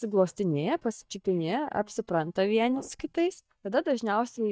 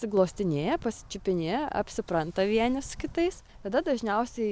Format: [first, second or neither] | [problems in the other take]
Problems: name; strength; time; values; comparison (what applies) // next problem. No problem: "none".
second | noise reduction (neural mask model DeepFilterNet 3)